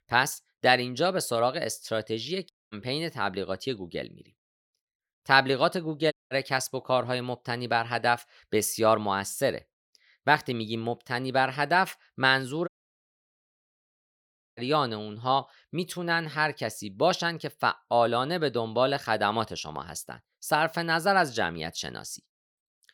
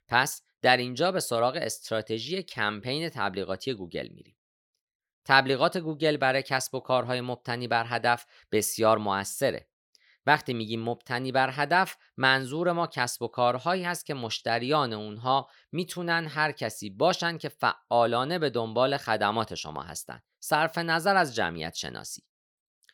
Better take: second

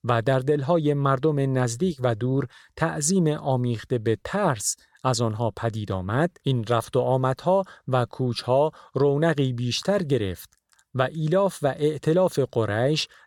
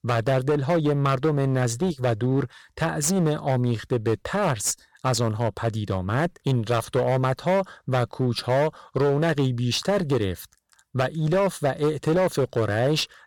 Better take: first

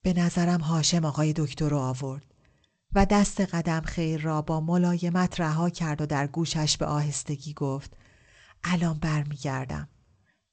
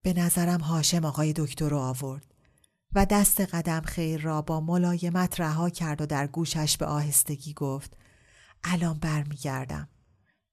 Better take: second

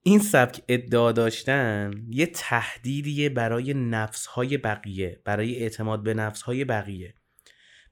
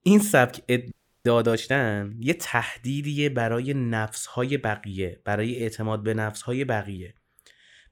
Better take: first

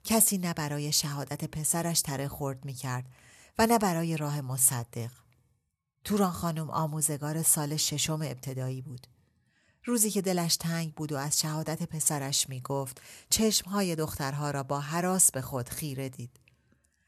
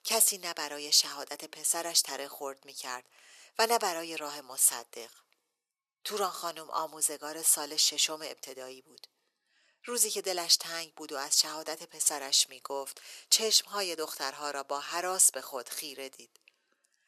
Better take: first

